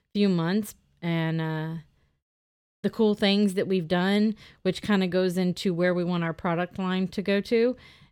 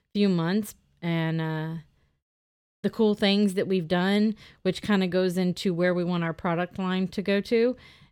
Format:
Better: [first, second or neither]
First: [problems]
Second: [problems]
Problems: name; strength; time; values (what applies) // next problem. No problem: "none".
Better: neither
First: none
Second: none